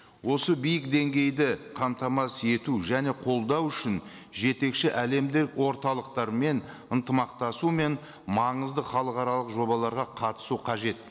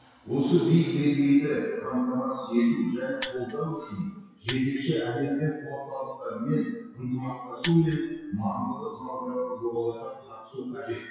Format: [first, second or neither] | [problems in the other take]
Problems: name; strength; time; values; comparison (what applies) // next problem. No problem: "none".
first | noise reduction (classical method WPE with log-MMSE)